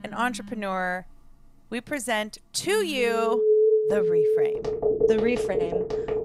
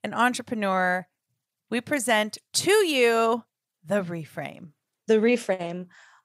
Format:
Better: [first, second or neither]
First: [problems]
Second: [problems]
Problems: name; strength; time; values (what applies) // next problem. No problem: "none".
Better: second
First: alarms or sirens; very loud; throughout; 4 dB above the speech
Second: none